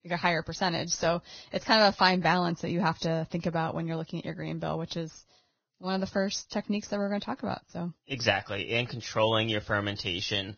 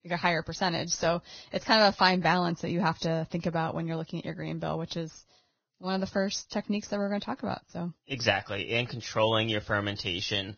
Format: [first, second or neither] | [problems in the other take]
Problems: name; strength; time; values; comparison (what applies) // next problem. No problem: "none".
neither | garbled, watery; badly; nothing above 6.5 kHz; the same in both